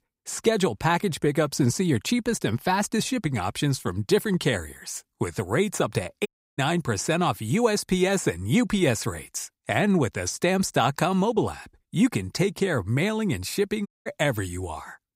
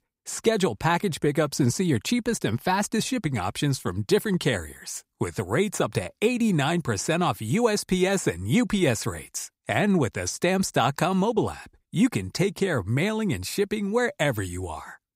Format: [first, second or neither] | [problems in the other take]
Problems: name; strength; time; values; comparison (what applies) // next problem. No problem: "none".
second | audio cutting out; at 6.5 s and at 14 s